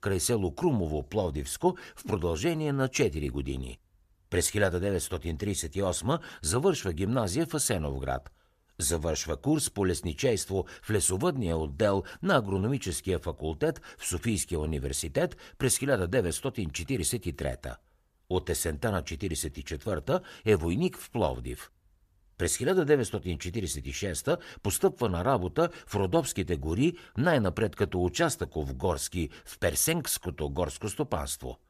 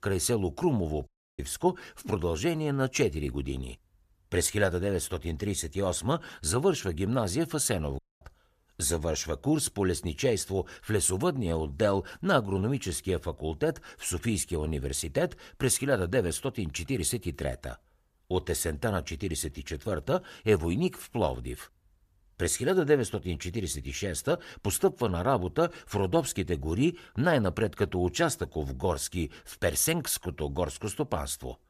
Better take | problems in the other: first | audio cutting out; at 1 s and at 8 s

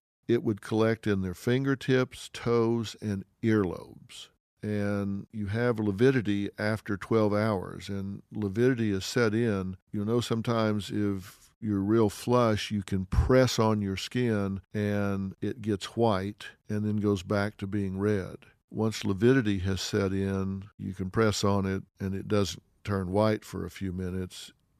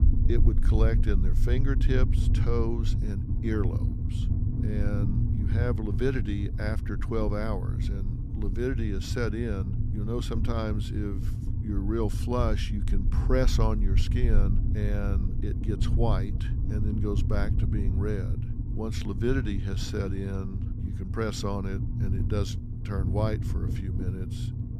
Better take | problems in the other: first | low rumble; loud; throughout; 7 dB below the speech

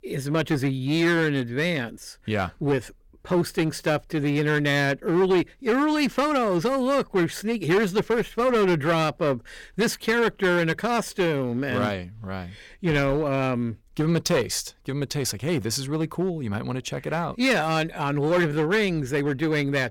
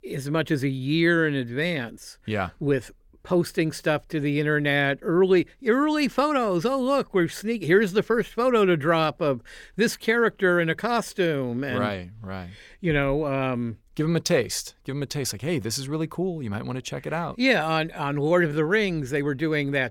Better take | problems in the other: second | distortion; slight; 9% of the sound clipped

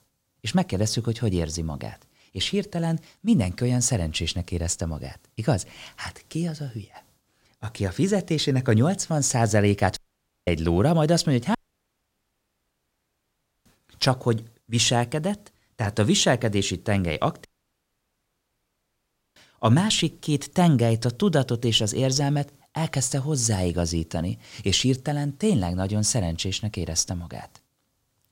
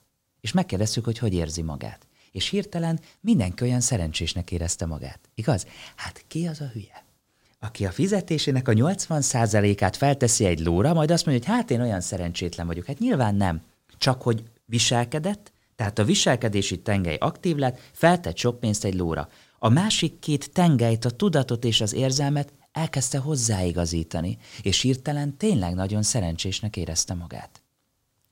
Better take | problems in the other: second | audio cutting out; at 10 s for 0.5 s, at 12 s for 2 s and at 17 s for 2 s

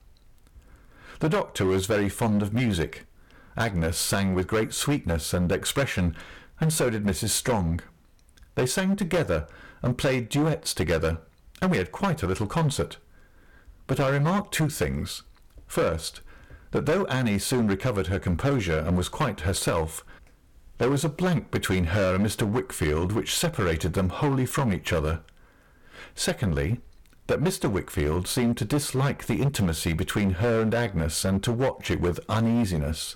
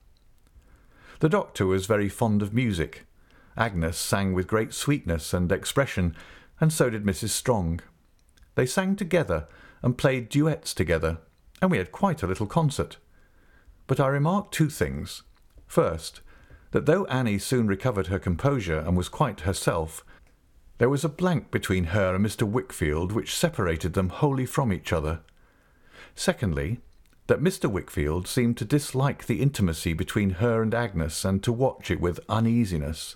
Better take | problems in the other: second | distortion; heavy; 12% of the sound clipped

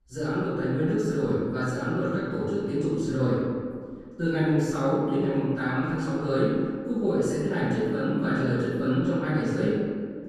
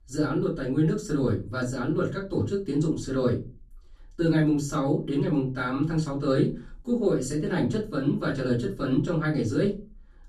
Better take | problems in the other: second | room echo; strong; dies away in 1.9 s; slight in the second // off-mic speech; far; far in the second

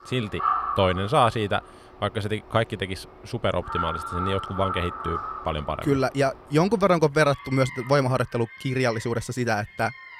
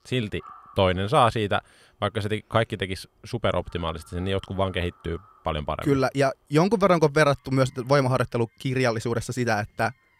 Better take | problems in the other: second | animal sounds; loud; throughout; 7 dB below the speech; faint in the second

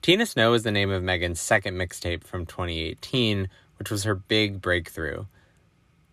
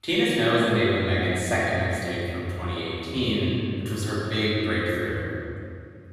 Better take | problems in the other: first | off-mic speech; far // room echo; strong; dies away in 2.5 s

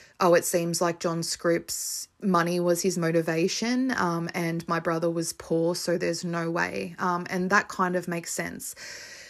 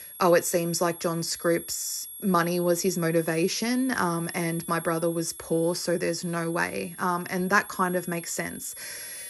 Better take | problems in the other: first | high-pitched whine; noticeable; throughout; 11 kHz, 10 dB below the speech

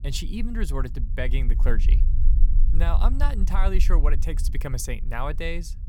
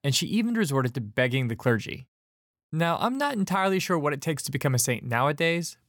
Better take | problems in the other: second | low rumble; noticeable; throughout; 15 dB below the speech

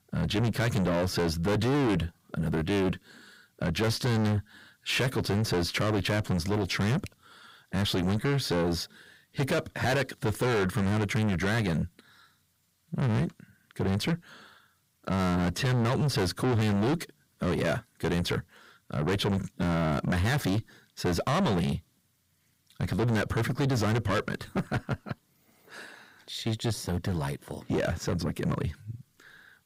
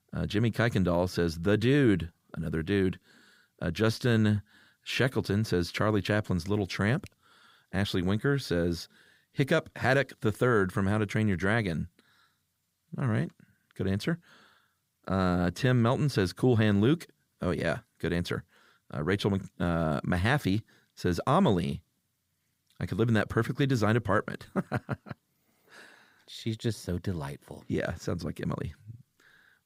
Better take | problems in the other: second | distortion; heavy; 6 dB below the speech

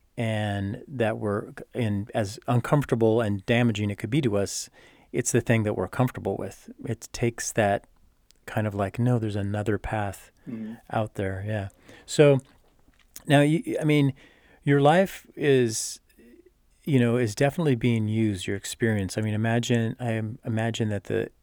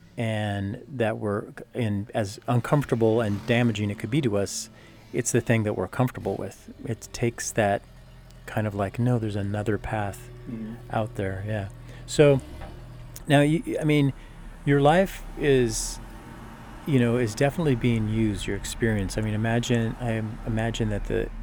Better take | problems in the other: first | traffic noise; noticeable; throughout; 20 dB below the speech

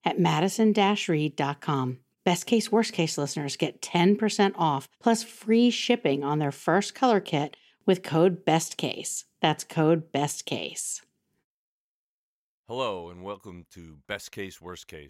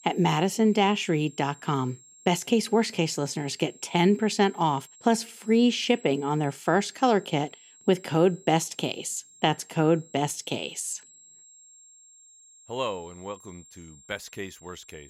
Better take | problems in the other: first | high-pitched whine; faint; throughout; 7.5 kHz, 25 dB below the speech

